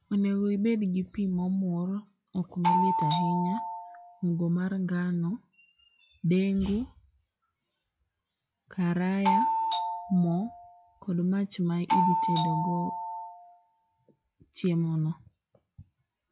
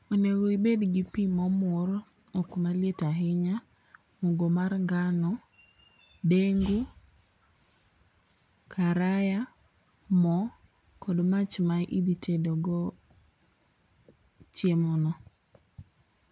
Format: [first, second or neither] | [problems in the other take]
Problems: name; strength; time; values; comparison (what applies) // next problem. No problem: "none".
second | noise reduction (classical method log-MMSE)